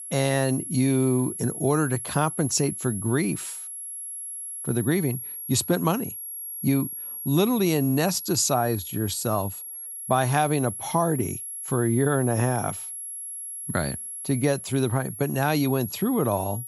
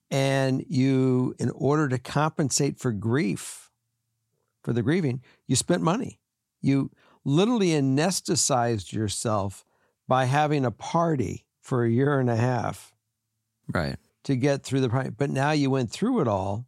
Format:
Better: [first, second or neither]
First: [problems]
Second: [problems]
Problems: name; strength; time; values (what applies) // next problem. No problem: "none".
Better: second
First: high-pitched whine; loud; throughout; 11 kHz, 8 dB below the speech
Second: none